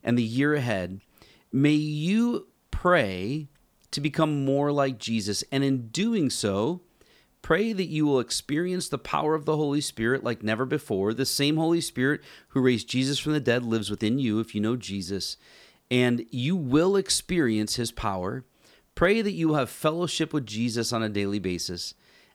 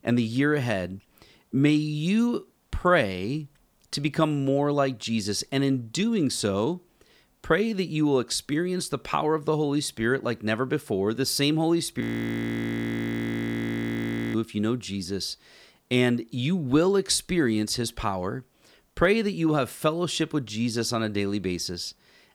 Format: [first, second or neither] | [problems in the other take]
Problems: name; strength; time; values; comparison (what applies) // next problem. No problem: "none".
first | audio freezing; at 12 s for 2.5 s